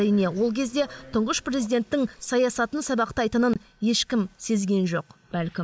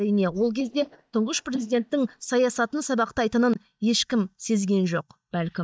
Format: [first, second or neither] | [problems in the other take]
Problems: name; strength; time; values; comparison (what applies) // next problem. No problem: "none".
first | noise reduction (neural mask model DeepFilterNet 3)